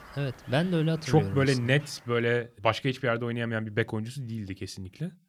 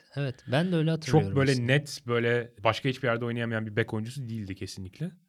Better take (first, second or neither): second